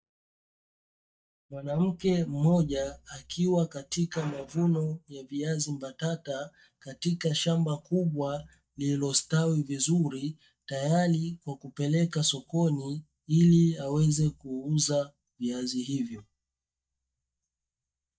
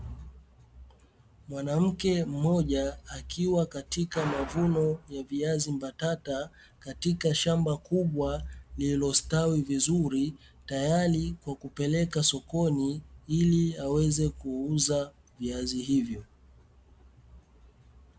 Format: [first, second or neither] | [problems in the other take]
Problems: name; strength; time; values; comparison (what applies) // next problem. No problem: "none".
second | noise reduction (neural mask model DeepFilterNet 3)